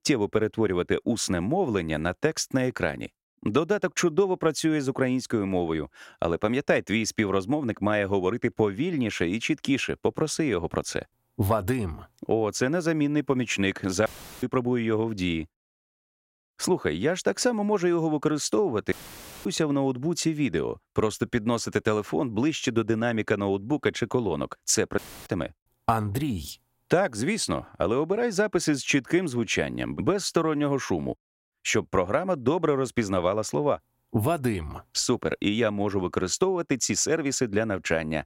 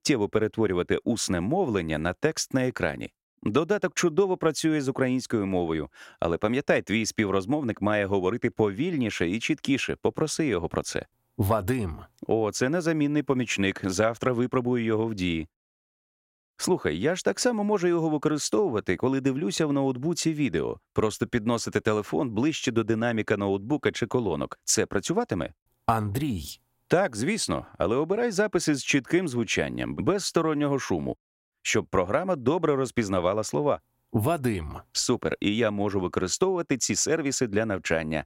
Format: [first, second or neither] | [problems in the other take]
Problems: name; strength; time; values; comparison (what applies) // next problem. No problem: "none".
second | audio cutting out; filled with static; at 14 s, at 19 s for 0.5 s and at 25 s